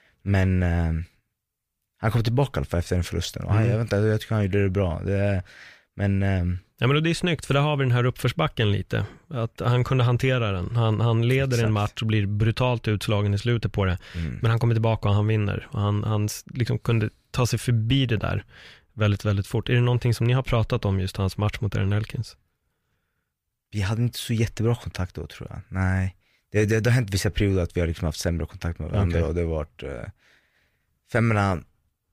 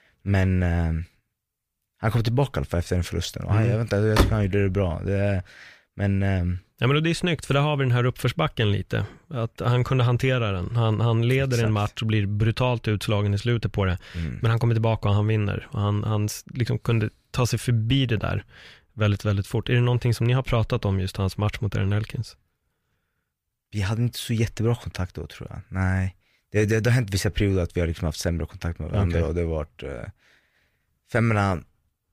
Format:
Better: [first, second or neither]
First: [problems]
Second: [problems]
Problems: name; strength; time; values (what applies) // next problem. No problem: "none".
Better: first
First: none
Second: door banging; loud; at 4 s; peak 1 dB above the speech